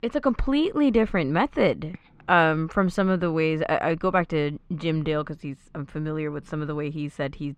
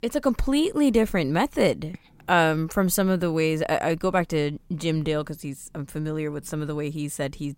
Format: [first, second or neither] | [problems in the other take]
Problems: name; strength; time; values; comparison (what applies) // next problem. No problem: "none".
second | muffled; slightly; fading above 2.5 kHz